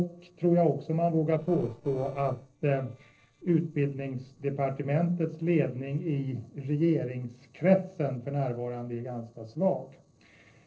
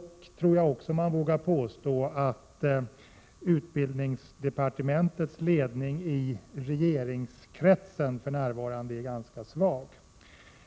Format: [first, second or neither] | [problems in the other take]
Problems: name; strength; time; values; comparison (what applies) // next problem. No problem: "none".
second | noise reduction (neural separator model SepFormer DNS4)